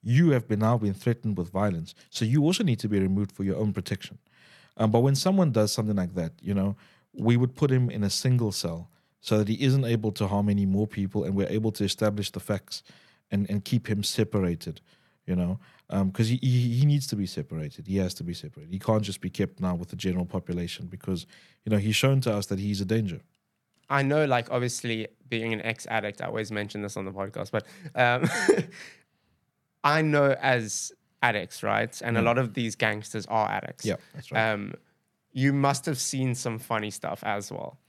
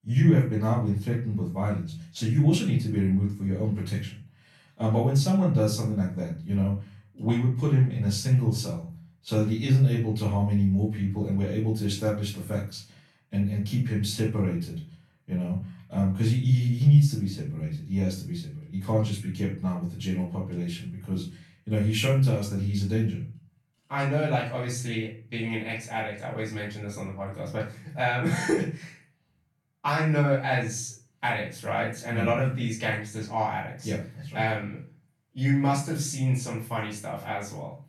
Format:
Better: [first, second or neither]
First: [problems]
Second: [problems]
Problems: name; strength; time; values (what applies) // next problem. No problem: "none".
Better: first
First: none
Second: off-mic speech; far // room echo; noticeable; dies away in 0.4 s